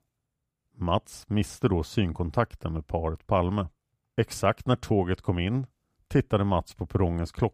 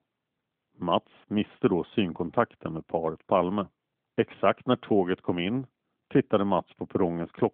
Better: first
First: none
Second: phone-call audio; nothing above 3.5 kHz

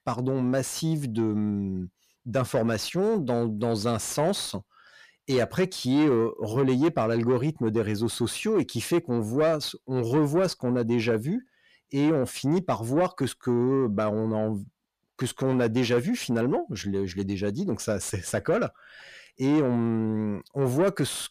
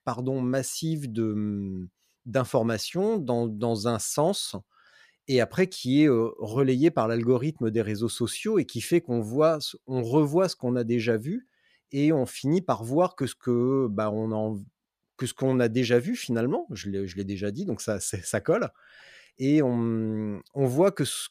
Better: second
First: distortion; slight; 10 dB below the speech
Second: none

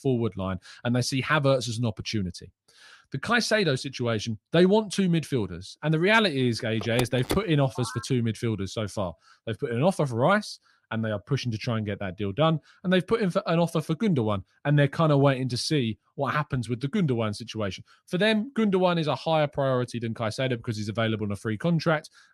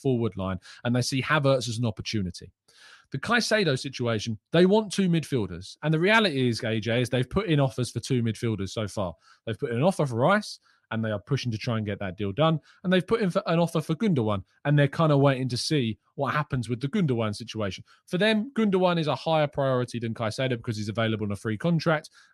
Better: second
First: phone ringing; noticeable; from 7 to 8 s; peak 7 dB below the speech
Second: none

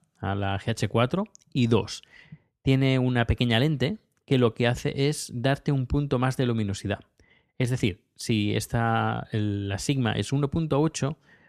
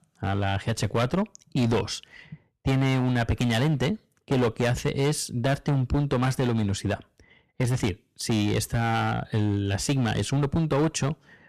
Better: first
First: none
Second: distortion; heavy; 11% of the sound clipped

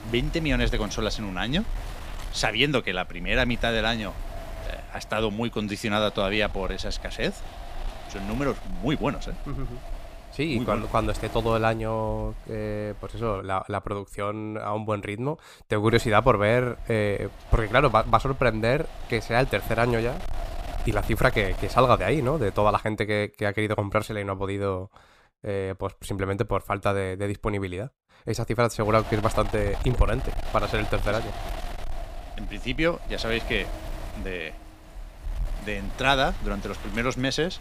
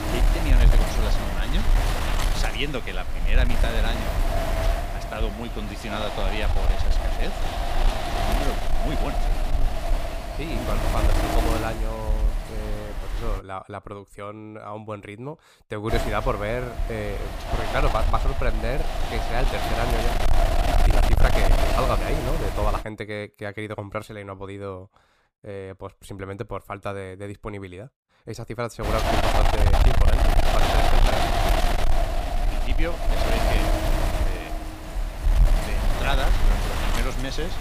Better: first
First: wind noise on the microphone; occasional gusts; until 13 s, from 16 to 23 s and from 29 s on; 15 dB below the speech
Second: wind noise on the microphone; heavy; until 13 s, from 16 to 23 s and from 29 s on; 3 dB above the speech

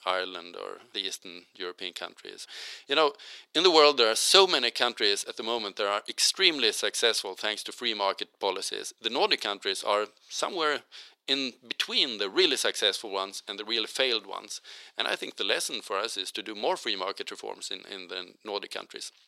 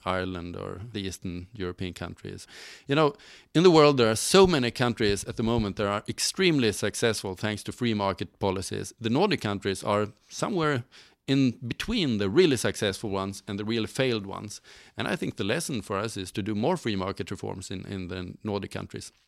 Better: second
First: thin; very; fading below 450 Hz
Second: none

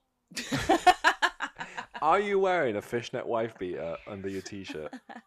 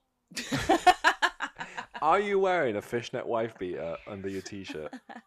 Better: neither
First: hiss; faint; throughout; 30 dB below the speech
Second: hiss; faint; throughout; 30 dB below the speech

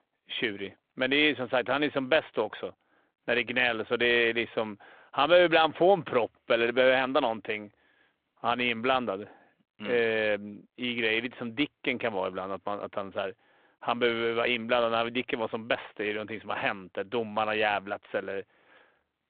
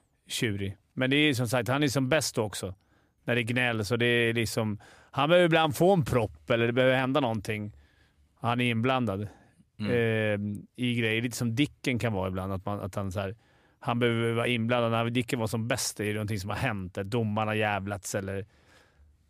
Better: second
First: phone-call audio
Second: none

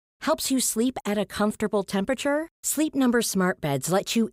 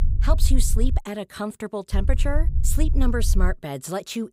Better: first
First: none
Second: low rumble; noticeable; at the start and from 2 to 3.5 s; 15 dB below the speech

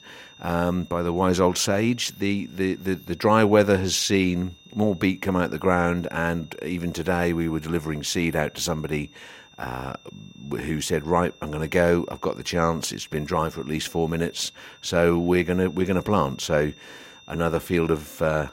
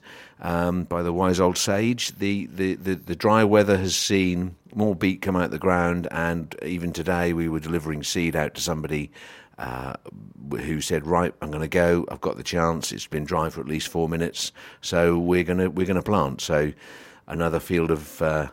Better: second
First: high-pitched whine; faint; throughout; 3.5 kHz, 25 dB below the speech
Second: none

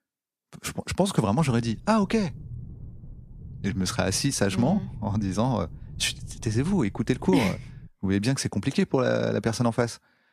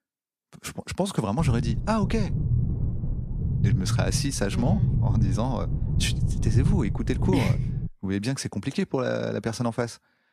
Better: first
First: low rumble; faint; from 1.5 to 8 s; 25 dB below the speech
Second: low rumble; loud; from 1.5 to 8 s; 8 dB below the speech

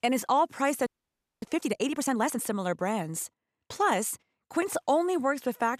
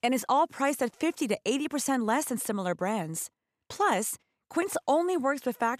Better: second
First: audio freezing; at 1 s for 0.5 s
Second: none

